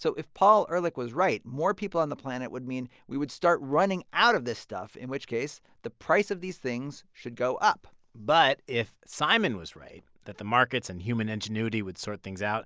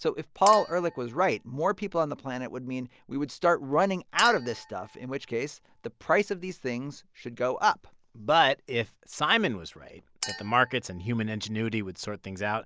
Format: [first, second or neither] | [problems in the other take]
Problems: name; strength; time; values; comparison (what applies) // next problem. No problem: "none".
first | background sound (Chink, clink); 16 dB below the speech